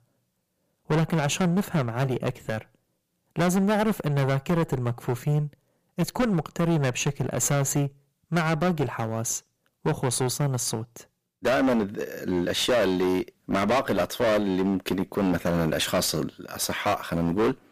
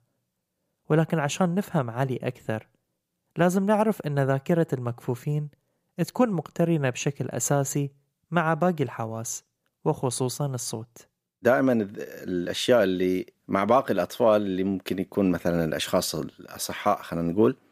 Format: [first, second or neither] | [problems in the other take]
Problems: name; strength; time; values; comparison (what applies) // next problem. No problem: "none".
second | distortion; heavy; 15% of the sound clipped